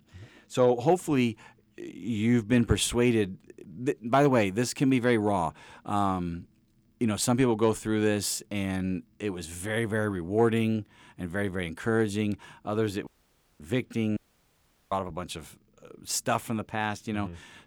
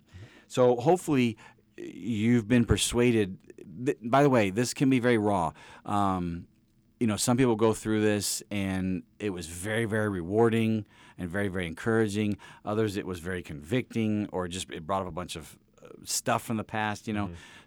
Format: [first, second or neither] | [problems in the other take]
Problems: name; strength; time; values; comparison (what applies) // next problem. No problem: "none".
second | audio cutting out; at 13 s for 0.5 s and at 14 s for 0.5 s